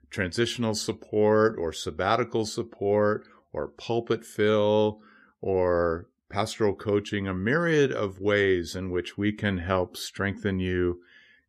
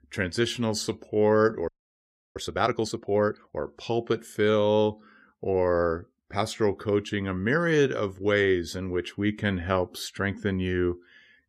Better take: first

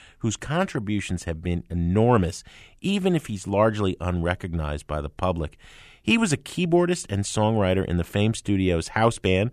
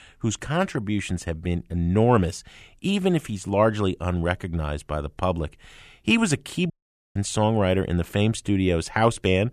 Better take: first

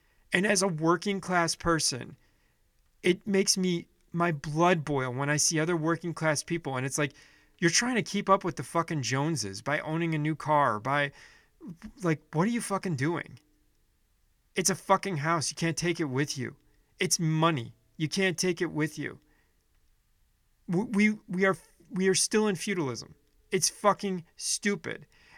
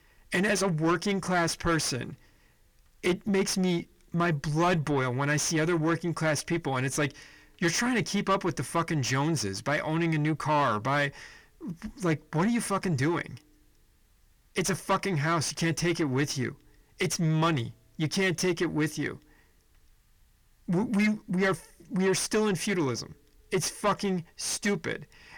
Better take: first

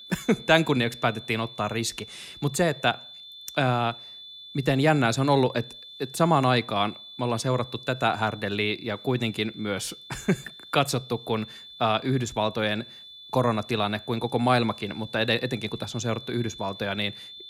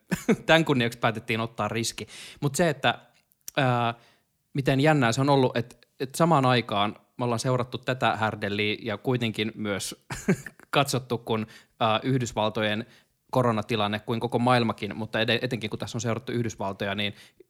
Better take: second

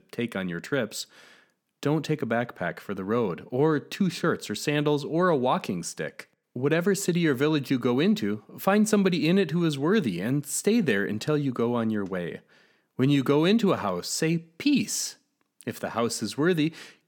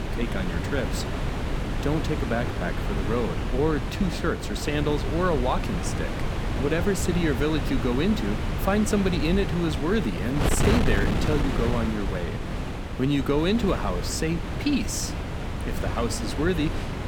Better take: first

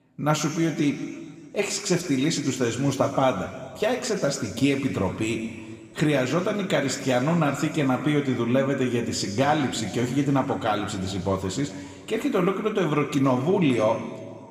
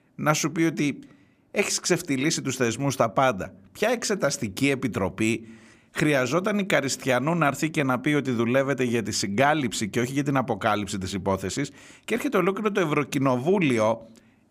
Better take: second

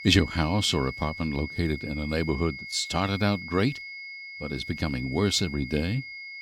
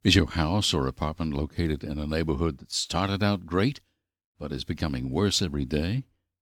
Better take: second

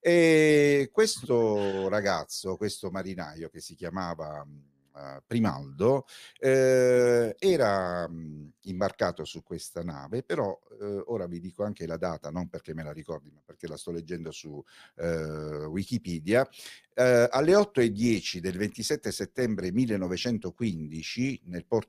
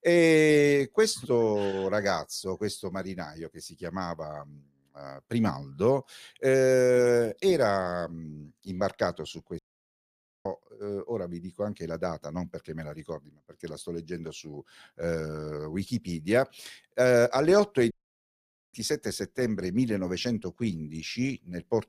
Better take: first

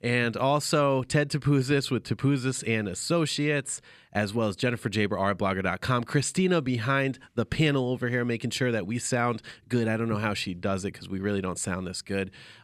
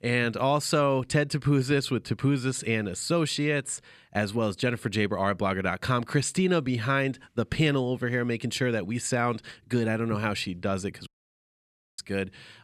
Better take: first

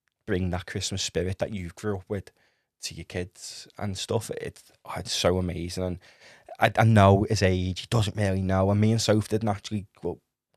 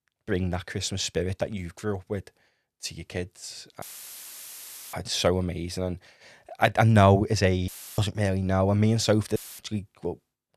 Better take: first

